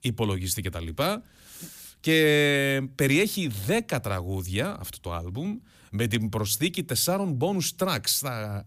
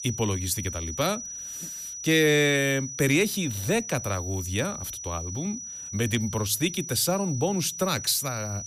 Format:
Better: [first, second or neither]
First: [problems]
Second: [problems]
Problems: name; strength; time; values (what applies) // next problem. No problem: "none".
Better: first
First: none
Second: high-pitched whine; loud; throughout; 6 kHz, 9 dB below the speech